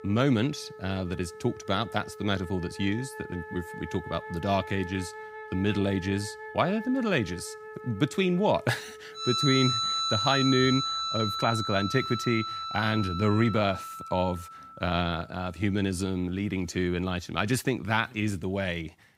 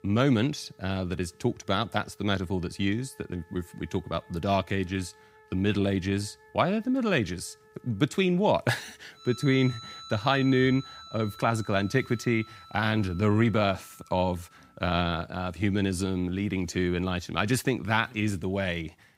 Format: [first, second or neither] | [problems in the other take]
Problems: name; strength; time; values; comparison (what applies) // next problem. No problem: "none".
second | background music; loud; throughout; 4 dB below the speech; faint in the second